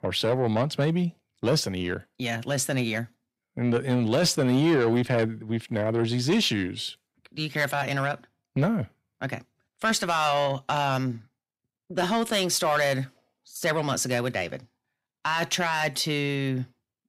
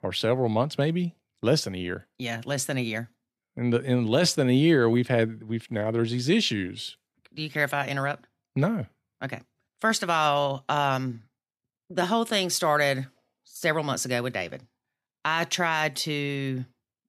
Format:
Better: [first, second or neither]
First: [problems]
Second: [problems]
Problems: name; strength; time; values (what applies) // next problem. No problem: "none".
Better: second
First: distortion; slight; 10 dB below the speech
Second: none